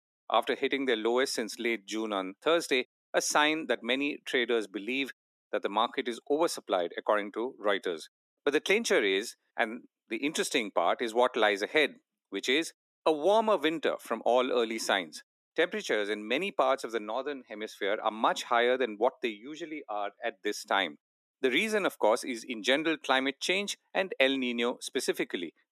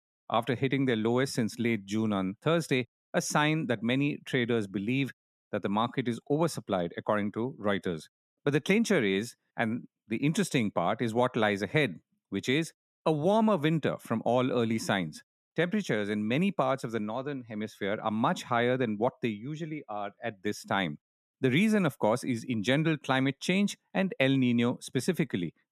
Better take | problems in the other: second | thin; somewhat; fading below 300 Hz

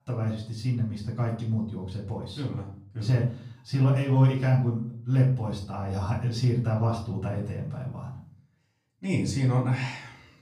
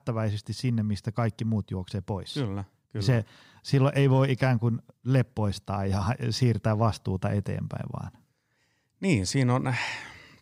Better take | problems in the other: second | off-mic speech; far // room echo; slight; dies away in 0.4 s

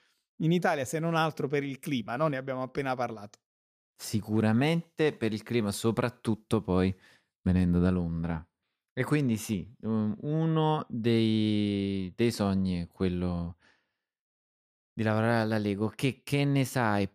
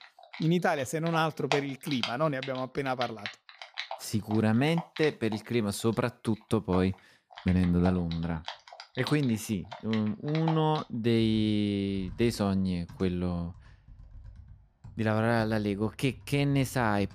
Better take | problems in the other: first | household noises; noticeable; throughout; 15 dB below the speech

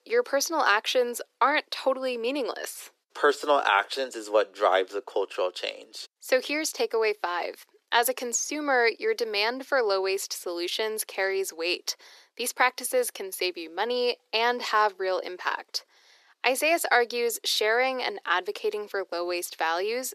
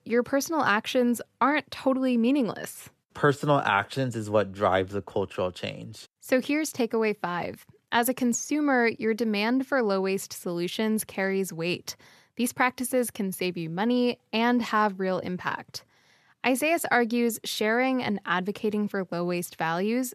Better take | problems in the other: second | thin; very; fading below 350 Hz

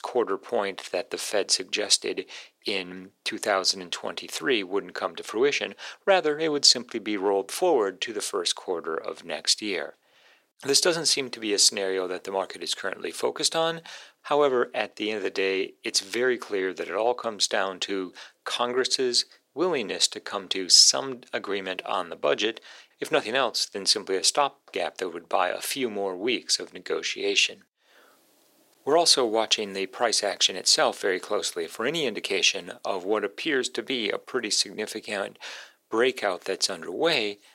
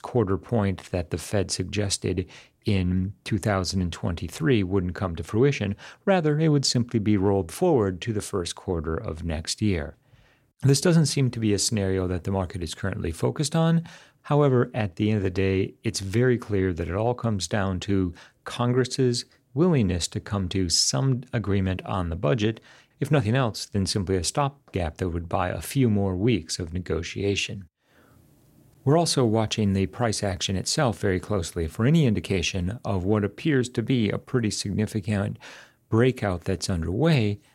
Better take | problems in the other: second | thin; very; fading below 400 Hz

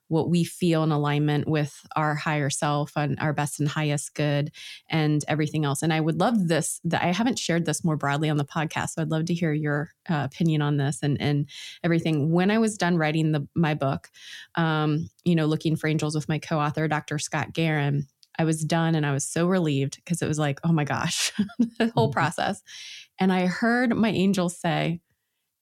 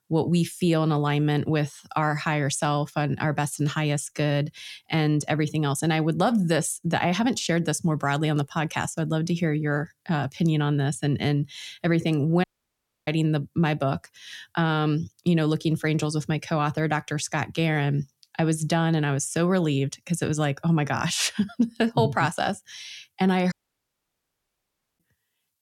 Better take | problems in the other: first | audio cutting out; at 12 s for 0.5 s and at 24 s for 1.5 s

